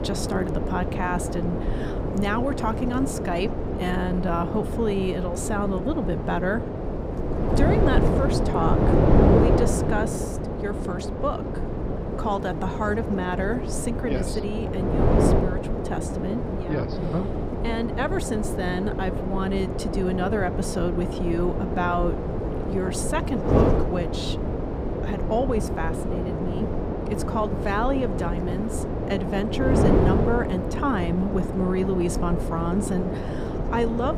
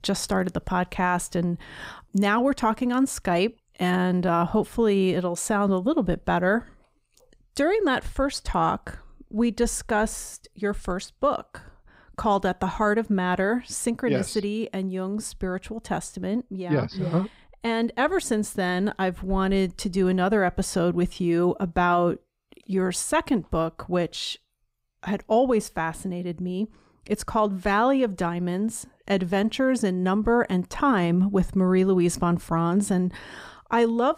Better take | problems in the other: second | wind noise on the microphone; heavy; 1 dB below the speech

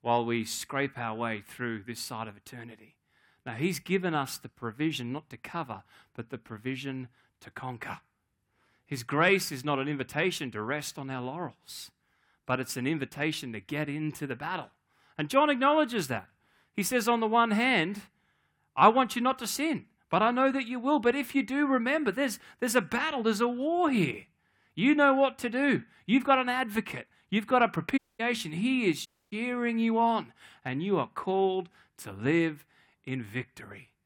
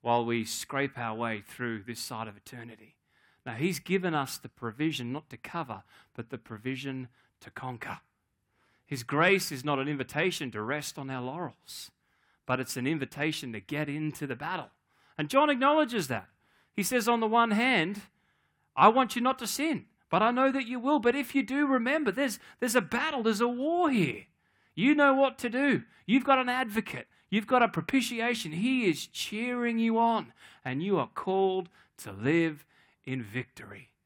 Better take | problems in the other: second | audio cutting out; at 28 s and at 29 s

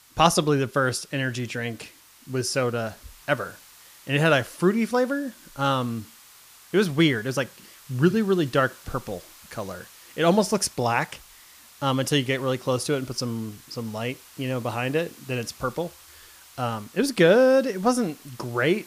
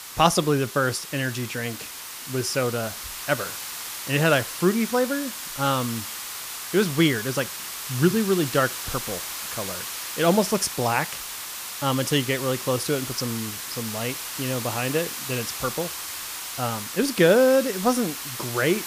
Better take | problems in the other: first | hiss; loud; throughout; 7 dB below the speech; faint in the first

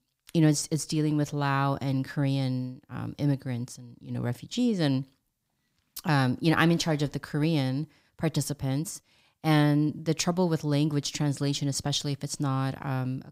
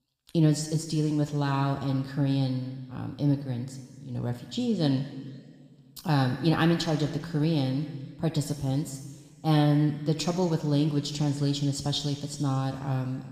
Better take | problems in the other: first | room echo; slight; dies away in 1.7 s

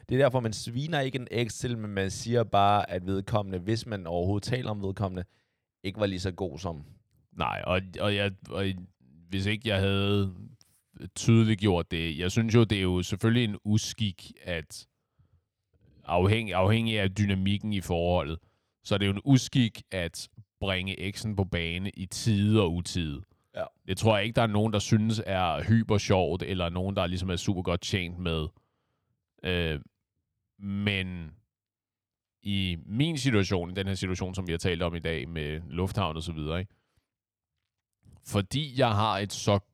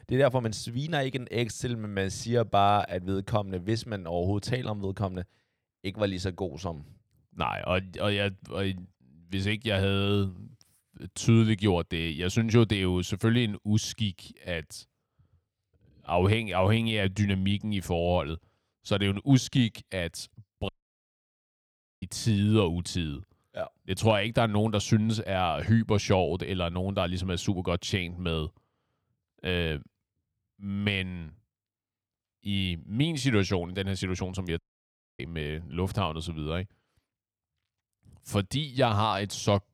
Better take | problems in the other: first | audio cutting out; at 21 s for 1.5 s and at 35 s for 0.5 s

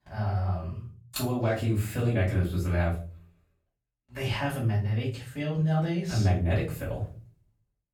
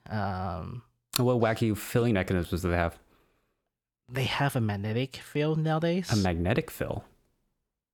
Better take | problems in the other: second | off-mic speech; far // room echo; slight; dies away in 0.4 s

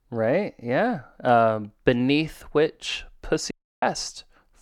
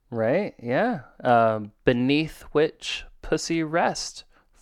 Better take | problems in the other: second | audio cutting out; at 3.5 s

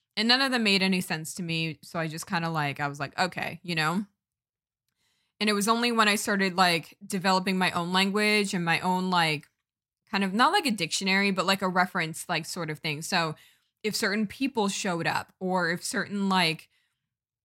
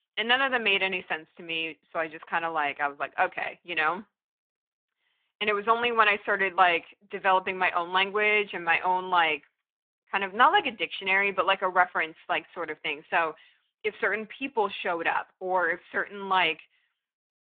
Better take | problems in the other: first | phone-call audio

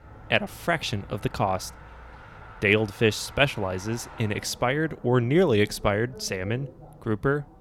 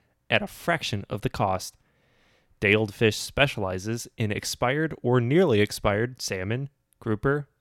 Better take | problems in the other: second | traffic noise; faint; throughout; 20 dB below the speech

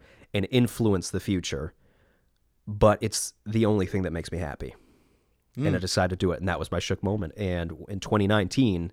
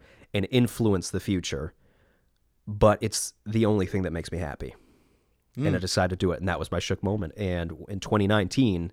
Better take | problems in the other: neither | none

